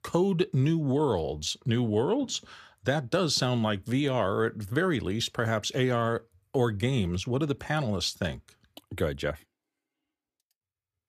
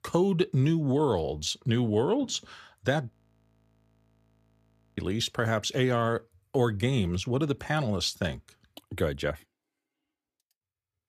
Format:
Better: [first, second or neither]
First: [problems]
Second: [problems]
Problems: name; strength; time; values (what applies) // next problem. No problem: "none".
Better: first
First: none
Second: audio freezing; at 3 s for 2 s